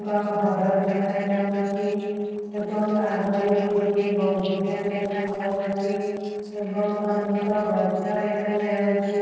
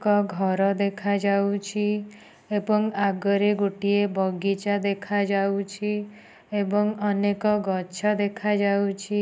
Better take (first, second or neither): second